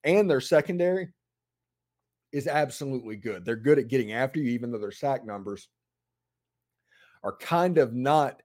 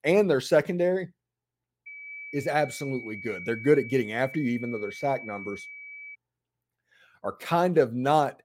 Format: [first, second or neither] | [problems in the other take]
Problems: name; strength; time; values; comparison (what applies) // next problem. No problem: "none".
first | high-pitched whine; noticeable; from 2 to 6 s; 2.5 kHz, 15 dB below the speech